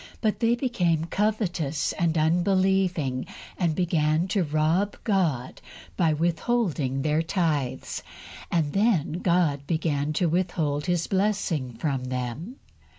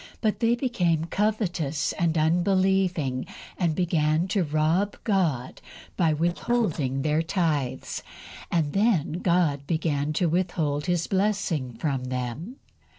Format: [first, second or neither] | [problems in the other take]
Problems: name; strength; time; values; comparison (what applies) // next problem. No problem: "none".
first | noise reduction (neural separator model SepFormer DNS4)